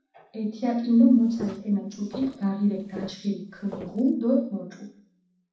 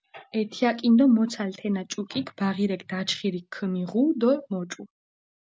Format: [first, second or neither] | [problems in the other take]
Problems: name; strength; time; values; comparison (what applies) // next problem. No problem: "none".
second | noise reduction (neural separator model SepFormer DNS4)